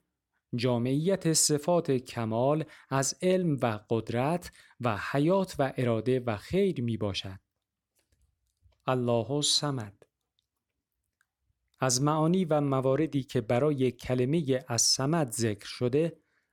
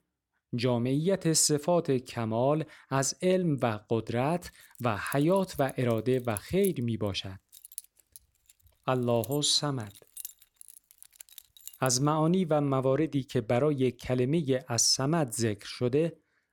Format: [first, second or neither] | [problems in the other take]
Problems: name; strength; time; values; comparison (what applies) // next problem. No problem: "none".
first | jangling keys; faint; from 5 to 12 s; peak 10 dB below the speech